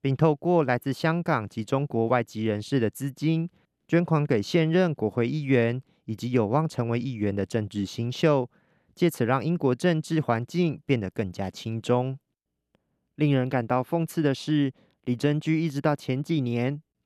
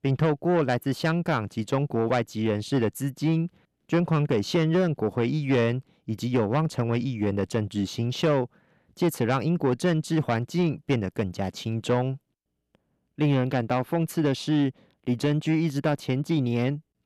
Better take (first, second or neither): first